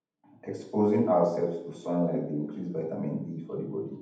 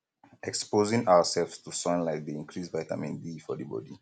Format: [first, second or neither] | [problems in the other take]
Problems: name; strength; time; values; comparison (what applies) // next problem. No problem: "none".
second | room echo; dies away in 0.8 s